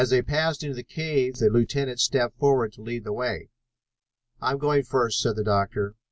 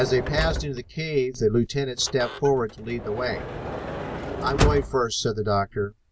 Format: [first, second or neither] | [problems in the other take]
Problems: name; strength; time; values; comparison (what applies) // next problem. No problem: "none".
first | background sound (Sliding door / Motor vehicle (road)); 5 dB below the speech